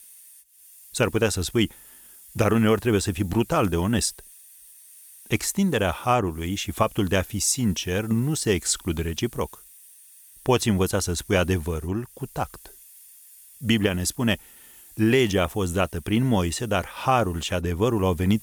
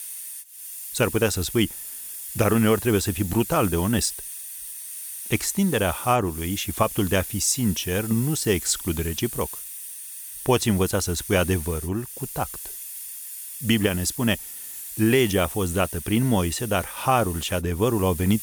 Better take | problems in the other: first | hiss; loud; throughout; 9 dB below the speech; faint in the first

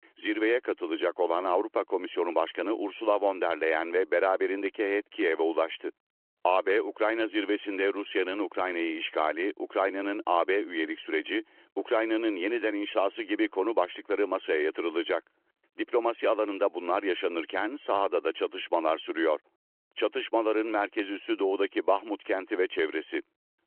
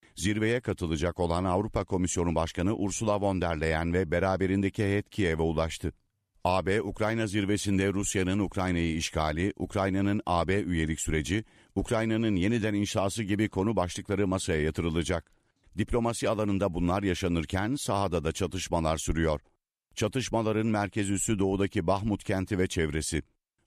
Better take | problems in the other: second | phone-call audio

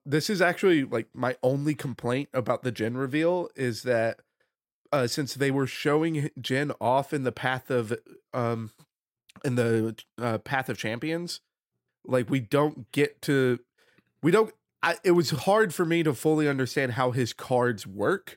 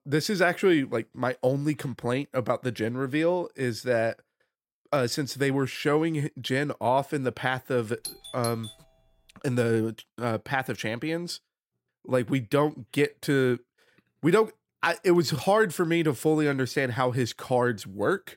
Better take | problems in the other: first | doorbell; faint; at 8 s; peak 10 dB below the speech

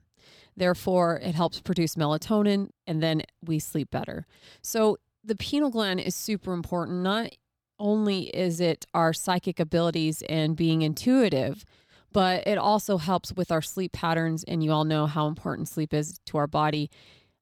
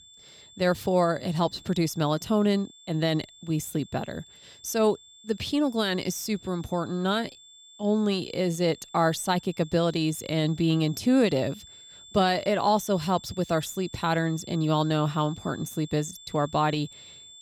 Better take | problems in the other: first | high-pitched whine; faint; throughout; 3.5 kHz, 20 dB below the speech

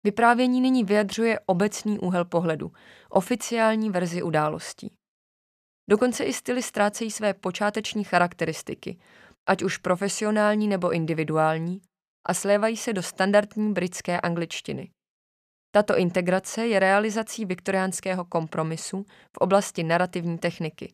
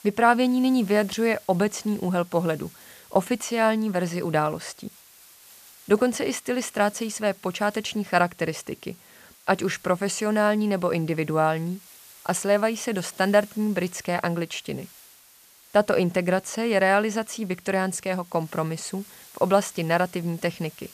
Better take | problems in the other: first | hiss; faint; throughout; 25 dB below the speech

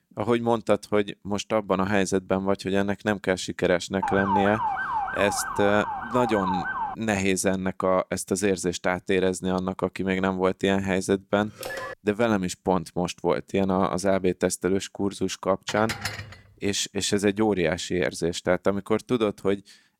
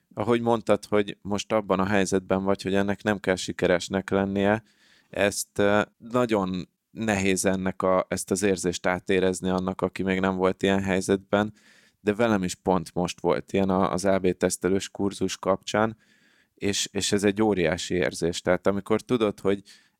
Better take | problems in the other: second | siren; loud; from 4 to 7 s; peak level with the speech // phone ringing; noticeable; at 12 s; peak 8 dB below the speech // clattering dishes; noticeable; at 16 s; peak 6 dB below the speech

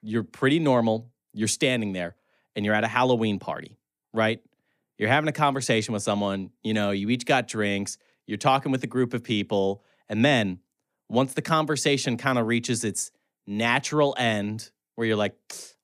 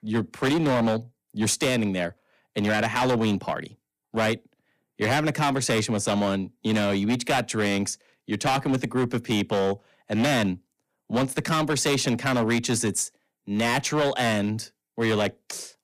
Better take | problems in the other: first | distortion; heavy; 15% of the sound clipped

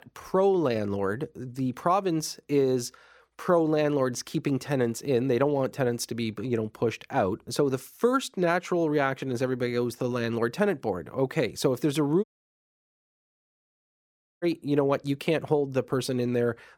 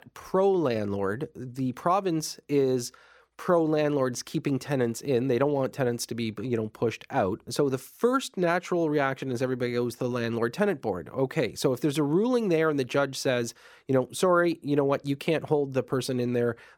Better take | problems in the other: second | audio cutting out; at 12 s for 2 s

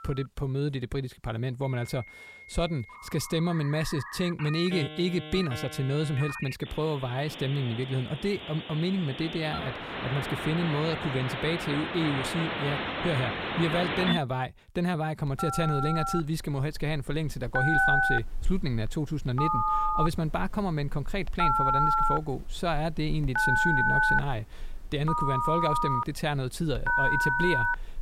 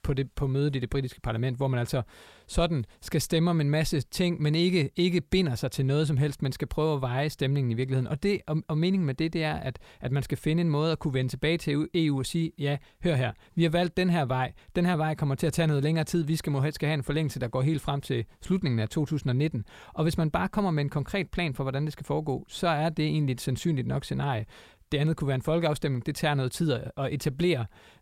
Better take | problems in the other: second | alarms or sirens; very loud; throughout; 1 dB above the speech

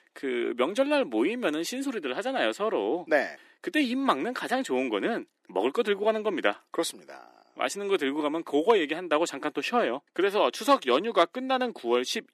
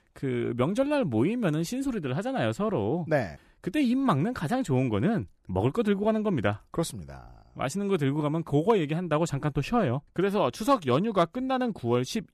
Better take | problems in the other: second | thin; somewhat; fading below 300 Hz

